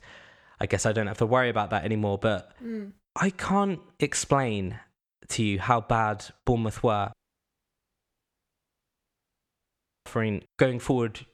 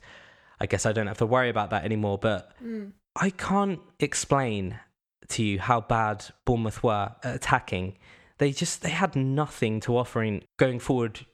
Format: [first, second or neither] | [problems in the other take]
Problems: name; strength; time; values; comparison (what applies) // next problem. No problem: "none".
second | audio cutting out; at 7 s for 3 s